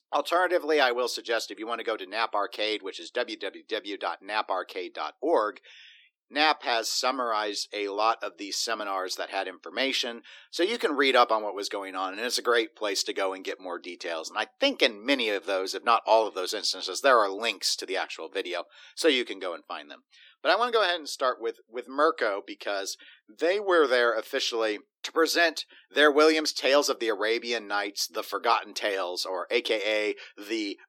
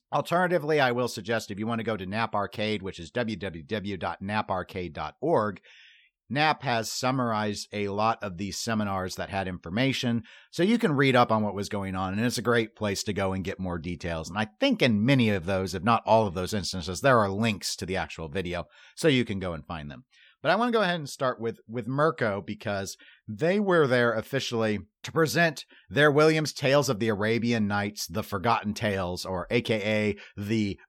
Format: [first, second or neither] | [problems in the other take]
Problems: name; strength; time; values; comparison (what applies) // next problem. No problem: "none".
second | thin; somewhat; fading below 300 Hz